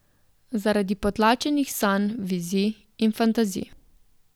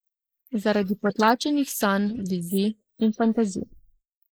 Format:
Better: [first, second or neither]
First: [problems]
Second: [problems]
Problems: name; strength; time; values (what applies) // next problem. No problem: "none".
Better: first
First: none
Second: noise reduction (neural mask model Resemble Enhance denoiser)